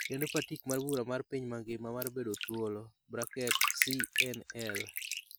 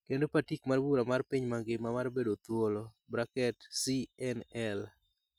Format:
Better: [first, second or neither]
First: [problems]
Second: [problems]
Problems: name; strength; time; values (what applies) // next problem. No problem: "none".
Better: second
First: background sound (Bathtub (filling or washing)); as loud as the speech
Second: none